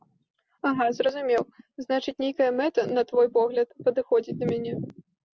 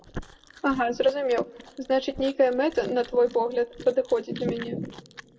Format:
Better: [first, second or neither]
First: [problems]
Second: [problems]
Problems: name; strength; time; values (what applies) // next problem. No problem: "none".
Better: first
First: none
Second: background sound (Chewing, mastication); 19 dB below the speech // room echo; dies away in 0.8 s